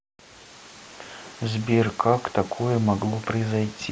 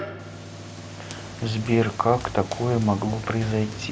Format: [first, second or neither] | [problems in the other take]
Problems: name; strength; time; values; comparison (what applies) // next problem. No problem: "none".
first | background sound (Run + Mechanical fan); 12 dB below the speech